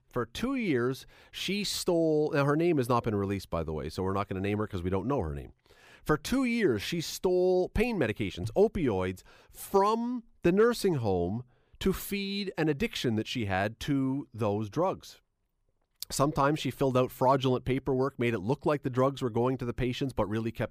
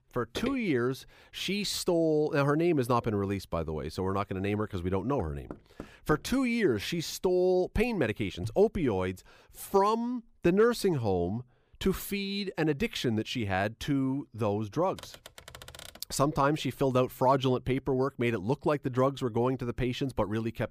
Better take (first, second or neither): first